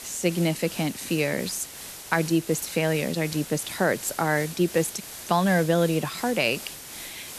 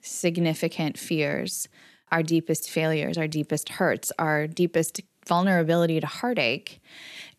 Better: second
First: hiss; noticeable; throughout; 10 dB below the speech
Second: none

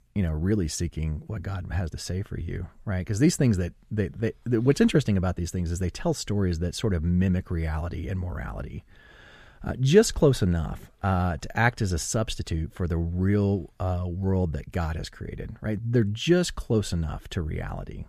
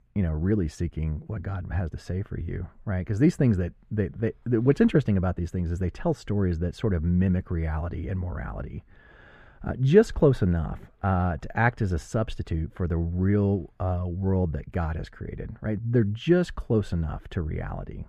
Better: first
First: none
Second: muffled; slightly; fading above 3 kHz

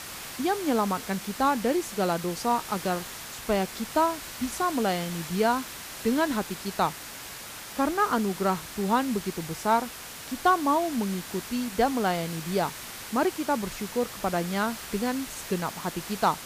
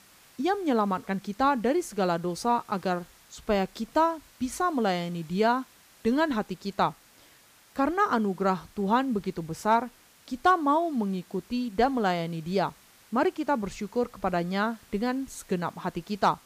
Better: second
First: hiss; loud; throughout; 10 dB below the speech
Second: hiss; faint; throughout; 25 dB below the speech

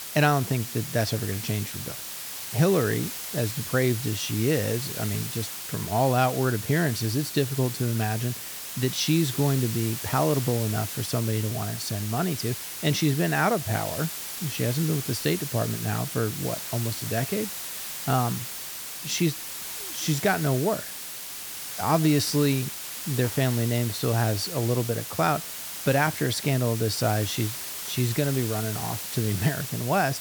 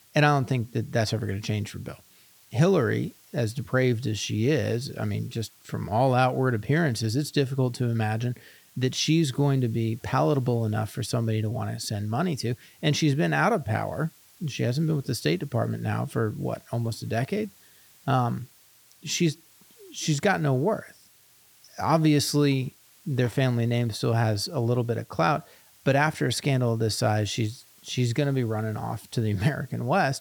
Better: second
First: hiss; loud; throughout; 6 dB below the speech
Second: hiss; faint; throughout; 25 dB below the speech

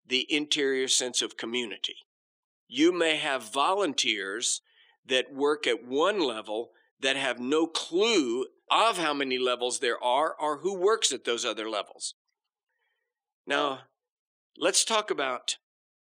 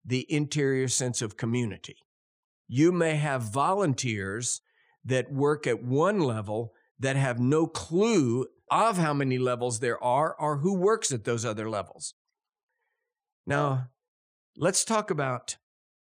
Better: second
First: thin; somewhat; fading below 300 Hz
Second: none

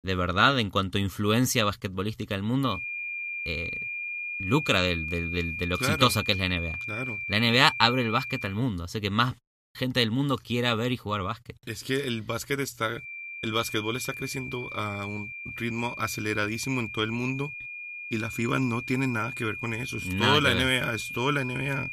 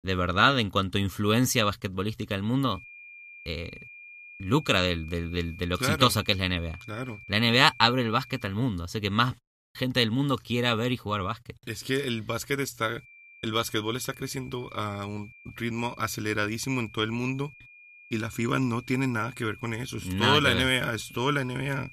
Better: second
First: high-pitched whine; loud; from 2.5 to 8.5 s and from 13 s on; 2.5 kHz, 7 dB below the speech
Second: high-pitched whine; faint; from 2.5 to 8.5 s and from 13 s on; 2.5 kHz, 20 dB below the speech

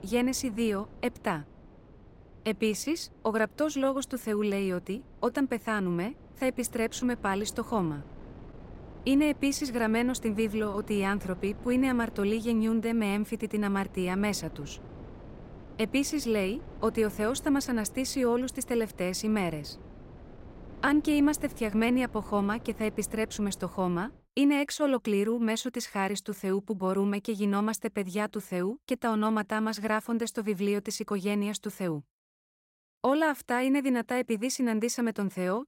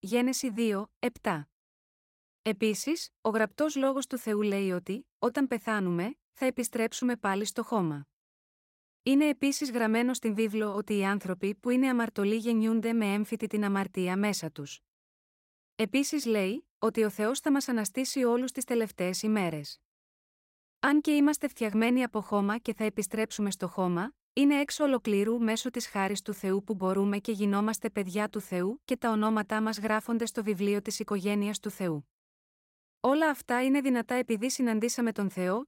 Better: second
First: wind noise on the microphone; occasional gusts; until 24 s; 20 dB below the speech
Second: none

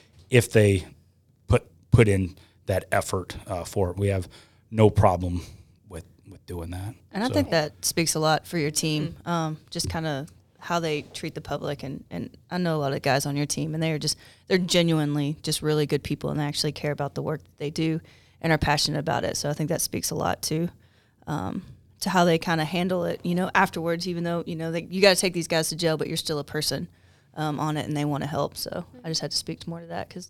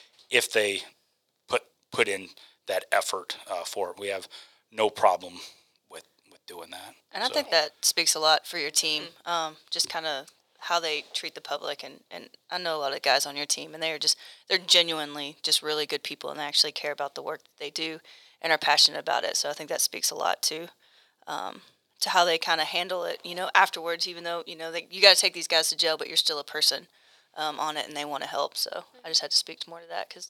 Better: first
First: none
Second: thin; very; fading below 700 Hz

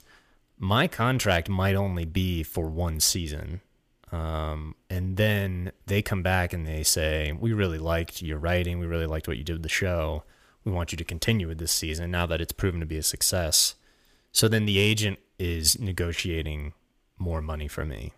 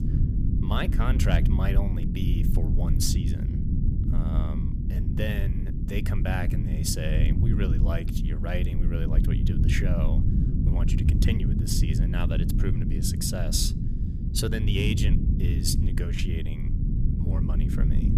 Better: first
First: none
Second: low rumble; loud; throughout; 4 dB below the speech

